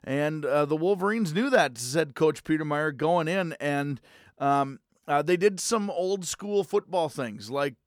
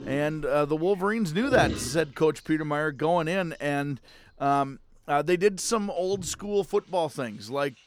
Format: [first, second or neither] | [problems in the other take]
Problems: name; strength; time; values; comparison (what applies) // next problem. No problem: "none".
first | rain or running water; loud; throughout; 9 dB below the speech